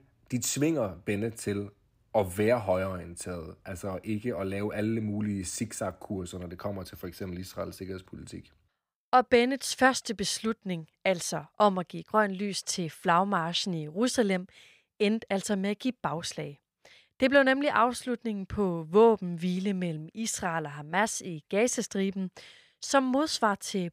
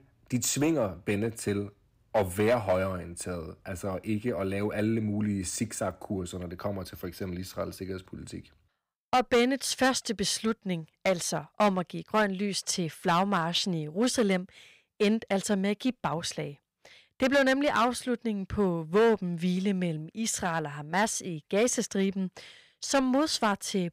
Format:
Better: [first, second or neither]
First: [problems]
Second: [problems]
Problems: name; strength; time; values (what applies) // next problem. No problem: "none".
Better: first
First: none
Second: distortion; slight; 3% of the sound clipped